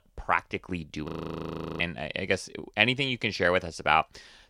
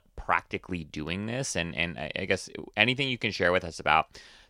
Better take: second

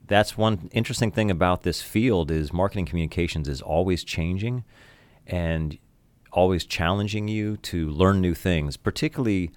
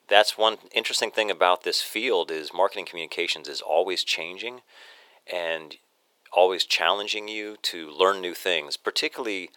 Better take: first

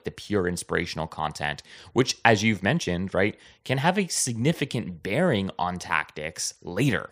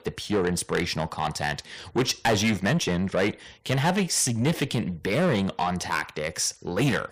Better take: first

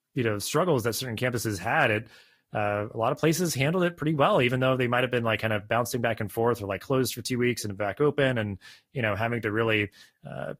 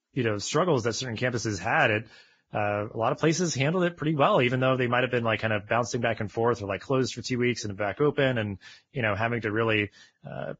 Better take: first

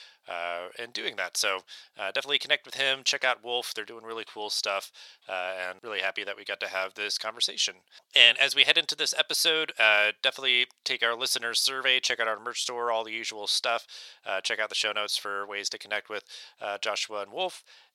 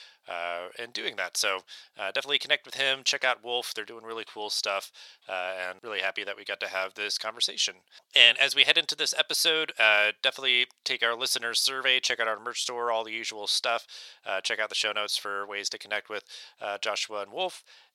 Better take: neither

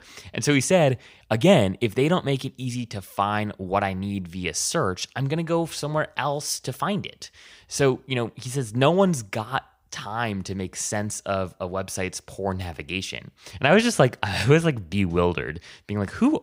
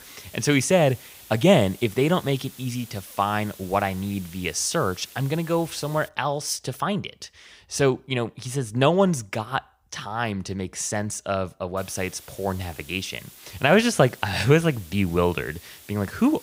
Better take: first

